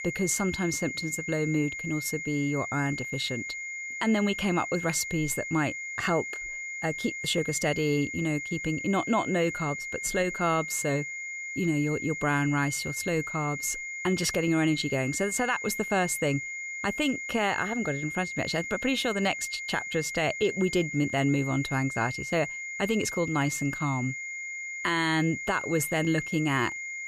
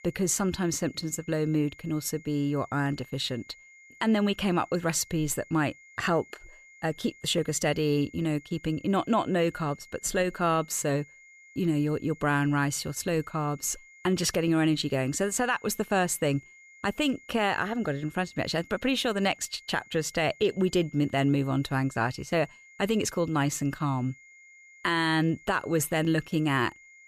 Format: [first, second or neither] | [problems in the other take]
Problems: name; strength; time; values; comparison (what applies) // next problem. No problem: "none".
second | high-pitched whine; loud; throughout; 2 kHz, 5 dB below the speech; faint in the second